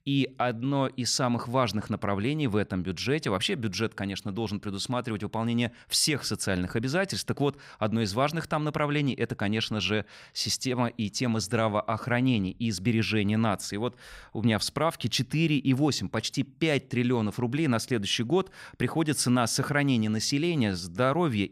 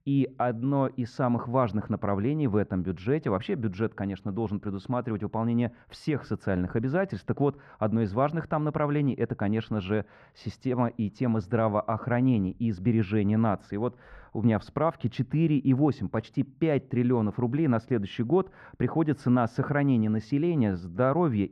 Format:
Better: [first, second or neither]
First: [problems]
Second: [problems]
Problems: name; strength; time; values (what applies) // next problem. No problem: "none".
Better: first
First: none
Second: muffled; very; fading above 3 kHz